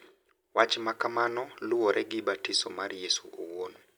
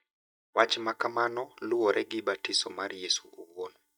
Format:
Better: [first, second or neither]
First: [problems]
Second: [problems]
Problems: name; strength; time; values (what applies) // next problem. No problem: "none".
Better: first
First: none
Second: noise reduction (neural mask model DeepFilterNet 3)